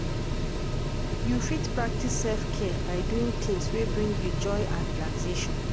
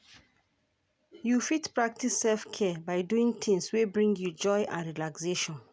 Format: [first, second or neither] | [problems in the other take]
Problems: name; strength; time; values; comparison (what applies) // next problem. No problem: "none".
second | background sound (Mechanical fan); 5 dB above the speech